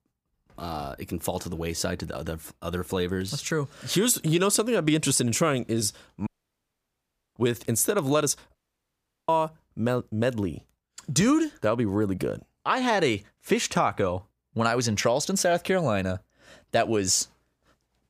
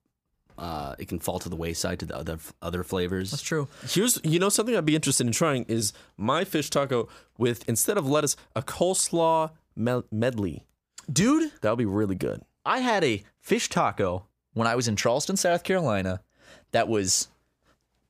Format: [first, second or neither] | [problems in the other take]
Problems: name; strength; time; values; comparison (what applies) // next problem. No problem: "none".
second | audio cutting out; at 6.5 s for 1 s and at 8.5 s for 0.5 s